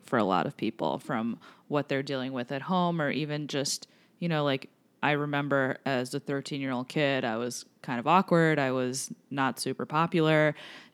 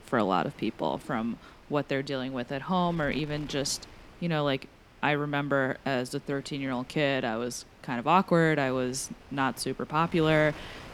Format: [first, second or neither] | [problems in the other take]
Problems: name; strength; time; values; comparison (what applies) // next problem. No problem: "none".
first | wind noise on the microphone; occasional gusts; 20 dB below the speech